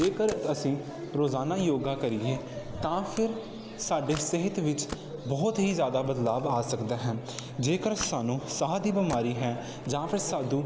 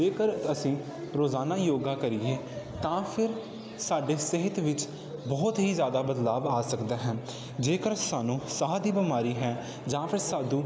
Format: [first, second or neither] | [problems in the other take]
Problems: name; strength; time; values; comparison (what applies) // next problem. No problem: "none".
second | background sound (Camera); 18 dB below the speech